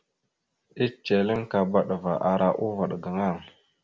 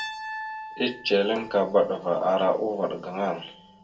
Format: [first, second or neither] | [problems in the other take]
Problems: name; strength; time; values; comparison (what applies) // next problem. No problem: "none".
first | background sound (Piano); 14 dB below the speech // room echo; dies away in 0.2 s